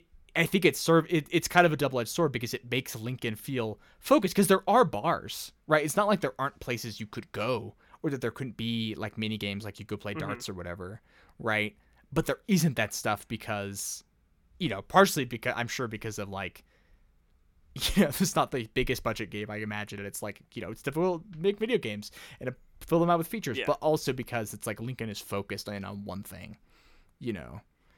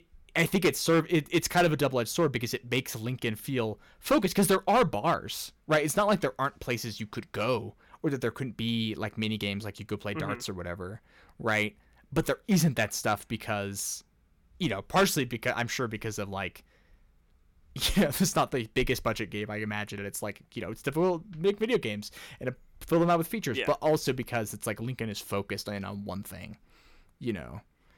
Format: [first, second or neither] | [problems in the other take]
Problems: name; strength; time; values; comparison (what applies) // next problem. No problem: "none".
first | distortion; slight; 2% of the sound clipped